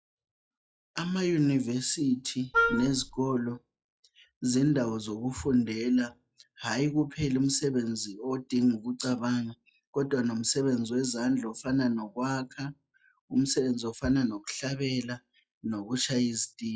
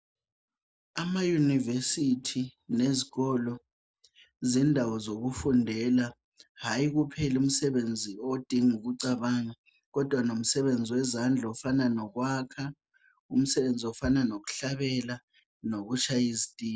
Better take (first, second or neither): second